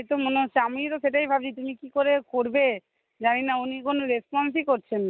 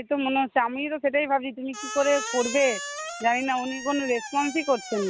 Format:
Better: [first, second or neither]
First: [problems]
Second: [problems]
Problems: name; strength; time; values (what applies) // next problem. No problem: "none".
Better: first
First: none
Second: background sound (Squeak); 11 dB below the speech